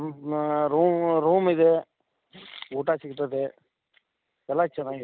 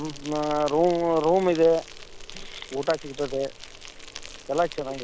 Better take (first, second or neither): first